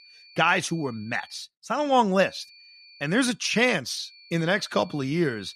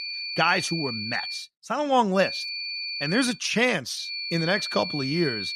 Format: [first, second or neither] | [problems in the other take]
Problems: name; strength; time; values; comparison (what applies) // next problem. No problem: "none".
first | high-pitched whine; loud; until 1.5 s, from 2 to 3.5 s and from 4 s on; 4.5 kHz, 5 dB below the speech; faint in the first